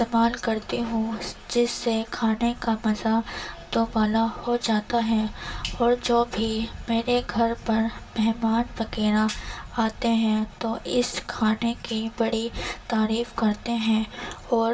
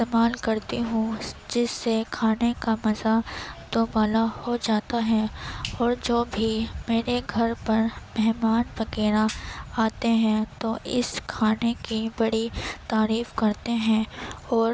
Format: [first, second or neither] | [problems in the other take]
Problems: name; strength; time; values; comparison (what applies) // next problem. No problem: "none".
second | room echo; dies away in 0.2 s